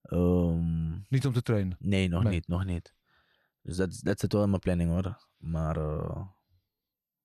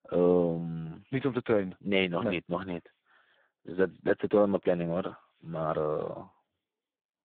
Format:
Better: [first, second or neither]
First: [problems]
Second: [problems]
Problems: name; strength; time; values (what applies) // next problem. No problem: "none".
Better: first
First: none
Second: phone-call audio; poor line